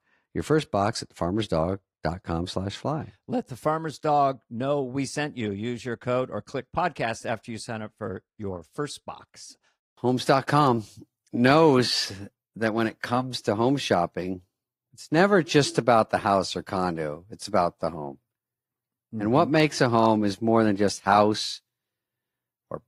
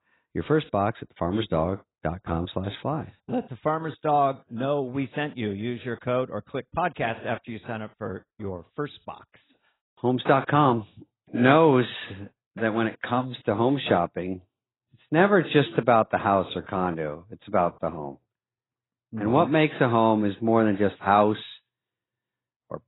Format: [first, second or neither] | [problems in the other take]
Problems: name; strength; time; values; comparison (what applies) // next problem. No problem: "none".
first | garbled, watery; badly; nothing above 4 kHz; slightly in the first